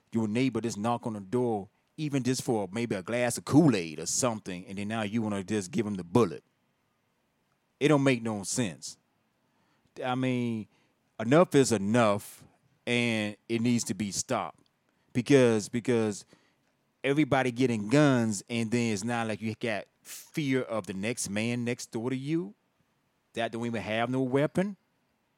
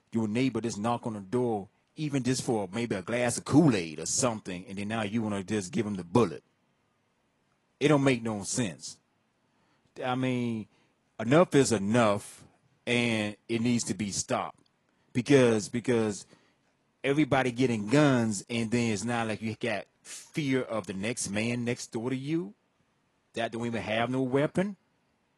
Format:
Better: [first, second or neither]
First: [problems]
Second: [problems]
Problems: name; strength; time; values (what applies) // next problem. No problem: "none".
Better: first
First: none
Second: garbled, watery; slightly; nothing above 11 kHz